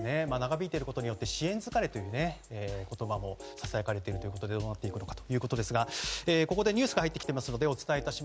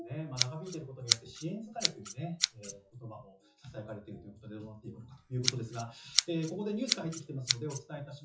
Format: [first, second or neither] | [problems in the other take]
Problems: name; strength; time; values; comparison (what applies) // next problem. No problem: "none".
first | noise reduction (classical method WPE with log-MMSE)